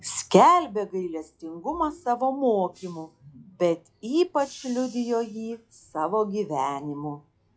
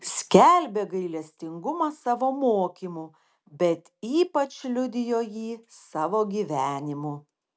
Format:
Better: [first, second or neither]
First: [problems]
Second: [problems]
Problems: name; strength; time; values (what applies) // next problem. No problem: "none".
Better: second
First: noise reduction (classical method log-MMSE)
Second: none